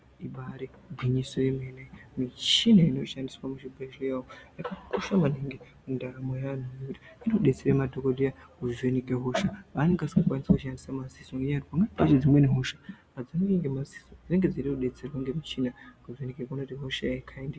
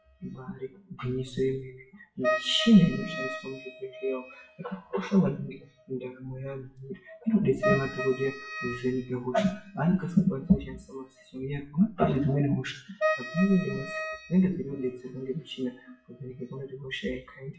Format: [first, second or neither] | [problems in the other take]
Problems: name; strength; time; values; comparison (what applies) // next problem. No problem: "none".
first | noise reduction (classical method WPE with log-MMSE)